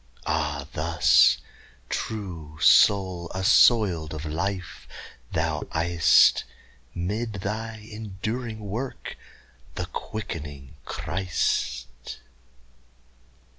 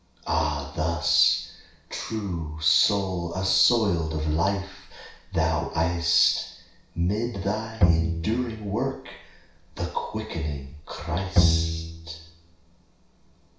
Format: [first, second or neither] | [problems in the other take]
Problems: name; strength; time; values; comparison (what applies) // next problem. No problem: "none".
first | background sound (Bowed string instrument); 1 dB above the speech // room echo; dies away in 0.6 s